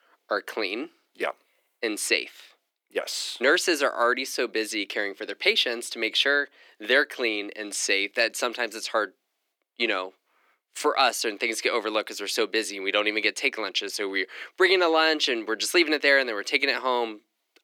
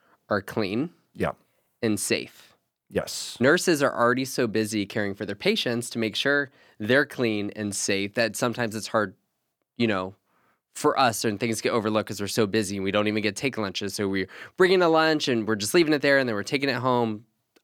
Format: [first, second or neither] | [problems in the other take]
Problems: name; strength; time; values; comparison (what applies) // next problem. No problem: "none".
second | thin; somewhat; fading below 300 Hz